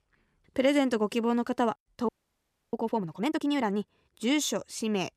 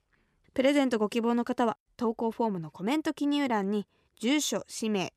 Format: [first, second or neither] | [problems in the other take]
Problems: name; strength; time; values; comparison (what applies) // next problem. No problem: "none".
second | audio freezing; at 2 s for 0.5 s